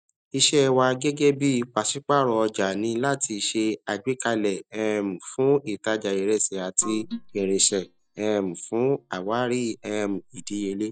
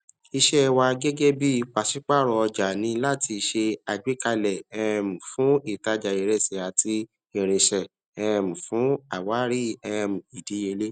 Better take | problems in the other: second | noise reduction (neural mask model DeepFilterNet 3)

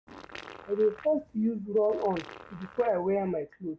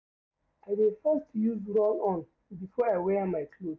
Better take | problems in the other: second | background sound (Fart); 18 dB below the speech

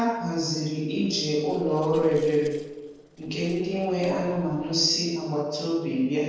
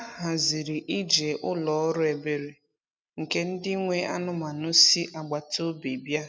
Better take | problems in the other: second | noise reduction (neural separator model SepFormer DNS4)

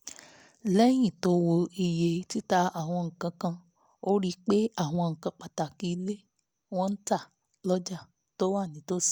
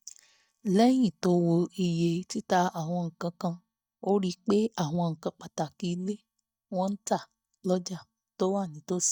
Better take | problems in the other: first | noise reduction (neural mask model DeepFilterNet 3)

